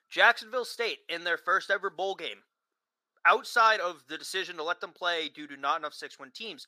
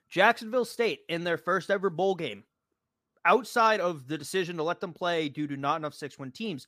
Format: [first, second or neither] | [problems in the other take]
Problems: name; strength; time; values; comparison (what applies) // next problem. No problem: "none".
second | thin; very; fading below 500 Hz